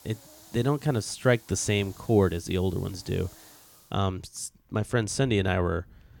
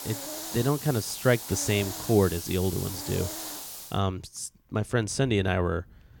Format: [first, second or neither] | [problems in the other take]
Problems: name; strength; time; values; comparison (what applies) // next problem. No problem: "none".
first | hiss; loud; until 4 s; 7 dB below the speech; faint in the first